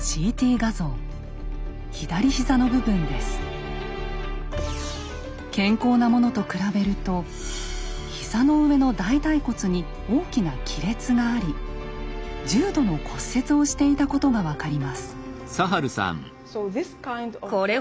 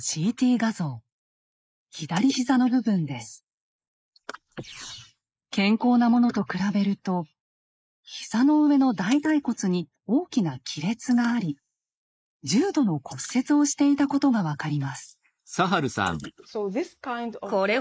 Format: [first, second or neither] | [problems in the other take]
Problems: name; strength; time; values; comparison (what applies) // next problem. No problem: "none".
first | noise reduction (neural mask model Resemble Enhance denoiser)